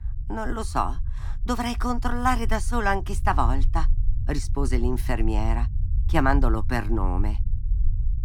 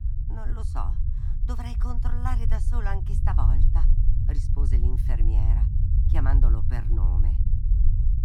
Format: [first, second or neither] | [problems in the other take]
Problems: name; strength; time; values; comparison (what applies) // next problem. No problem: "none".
first | low rumble; loud; throughout; 4 dB below the speech; faint in the first